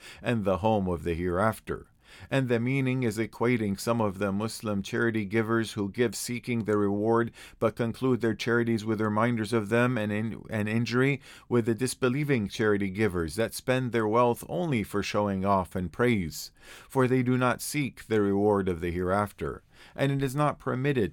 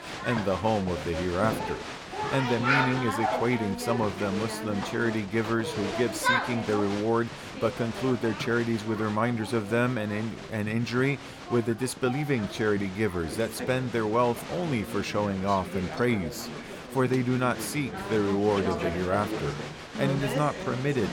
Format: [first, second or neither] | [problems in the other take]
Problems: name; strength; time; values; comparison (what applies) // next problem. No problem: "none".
first | crowd noise; loud; throughout; 5 dB below the speech